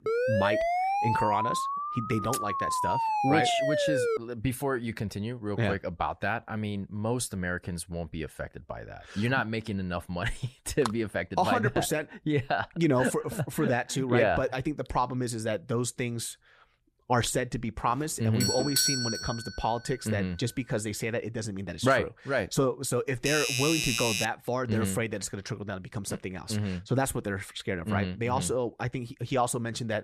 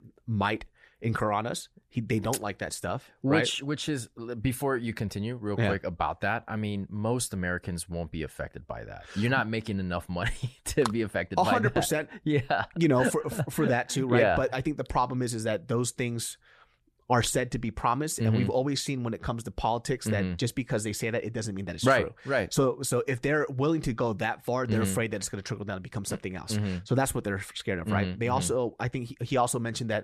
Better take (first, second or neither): second